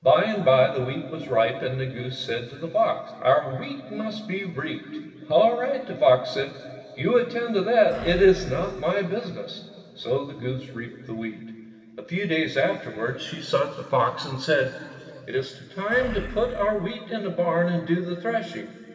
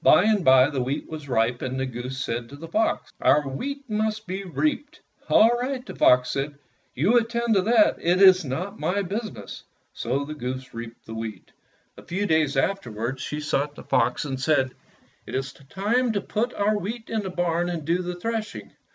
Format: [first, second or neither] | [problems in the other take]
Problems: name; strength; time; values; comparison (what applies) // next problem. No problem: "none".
second | background sound (Animal); 12 dB below the speech // room echo; dies away in 2.7 s